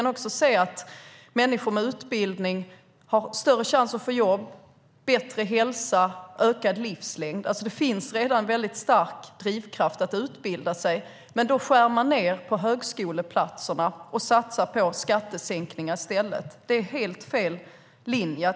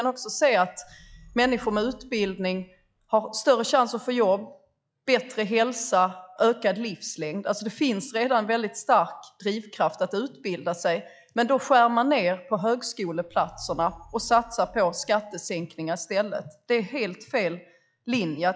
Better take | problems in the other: first | noise reduction (classical method log-MMSE)

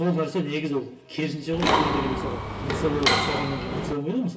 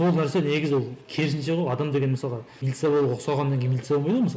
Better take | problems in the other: second | background sound (Mechanisms); 2 dB above the speech // room echo; dies away in 0.2 s

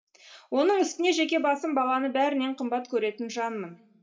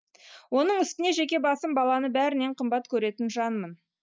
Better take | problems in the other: second | room echo; dies away in 0.3 s

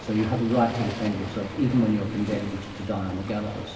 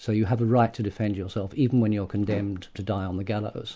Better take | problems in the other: second | background sound (Waves, surf); 12 dB below the speech // room echo; dies away in 2.3 s

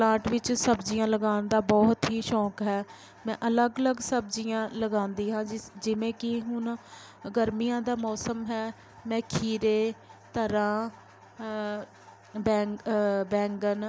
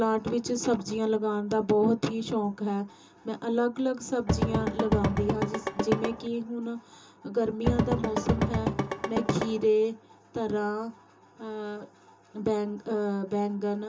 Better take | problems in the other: first | background sound (Drum / Drum kit); 1 dB above the speech // room echo; dies away in 0.2 s

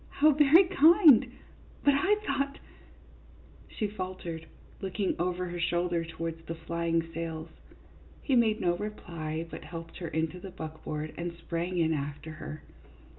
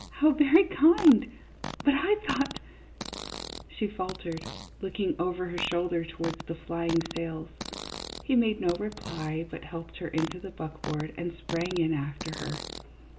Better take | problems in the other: first | background sound (Fart); 13 dB below the speech

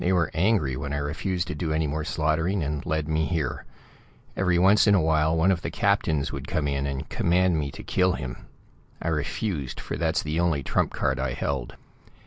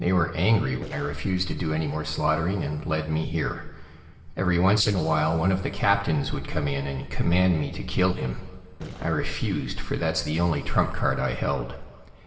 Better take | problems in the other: first | noise reduction (neural separator model SepFormer DNS4)

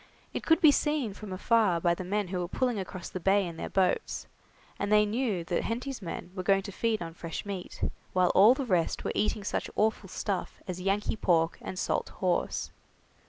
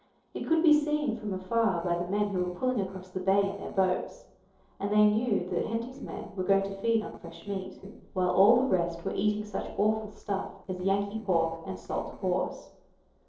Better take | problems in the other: first | noise reduction (neural separator model SepFormer DNS4)

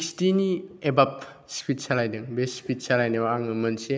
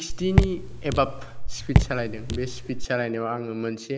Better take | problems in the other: first | background sound (Raindrop / Drip); 4 dB above the speech

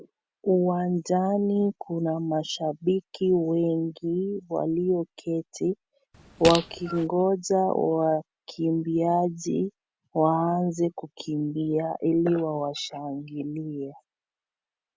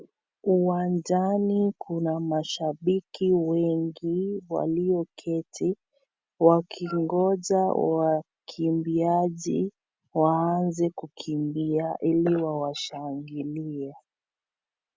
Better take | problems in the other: second | background sound (Fart); 7 dB below the speech

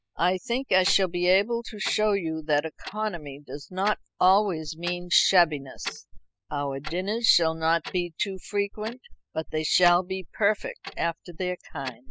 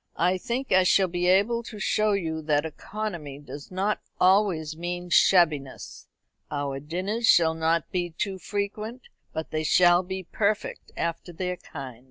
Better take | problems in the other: second | noise reduction (classical method spectral subtraction)

